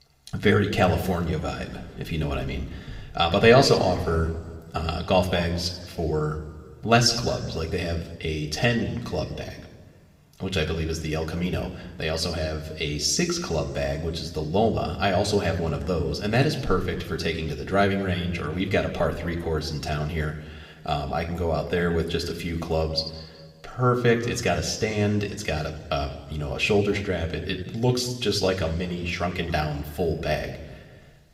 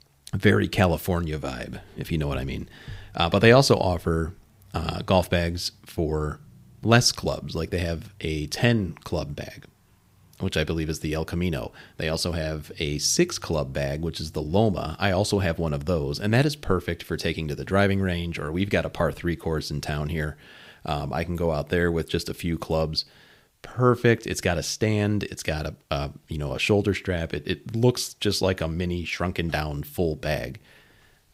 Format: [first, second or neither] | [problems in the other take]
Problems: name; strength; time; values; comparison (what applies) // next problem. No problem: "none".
second | room echo; slight; dies away in 1.4 s